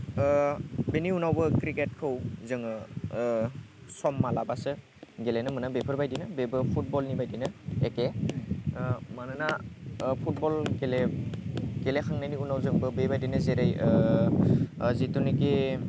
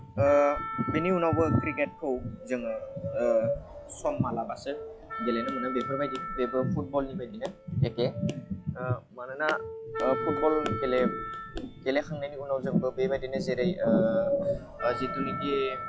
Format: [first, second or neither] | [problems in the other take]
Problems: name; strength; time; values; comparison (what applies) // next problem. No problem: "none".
first | noise reduction (classical method log-MMSE)